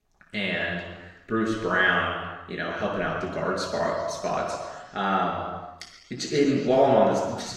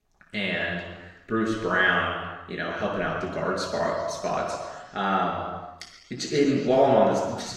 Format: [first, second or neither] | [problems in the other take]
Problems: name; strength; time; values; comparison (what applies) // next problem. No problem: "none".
neither | room echo; noticeable; dies away in 1.3 s; the same in both // off-mic speech; far; the same in both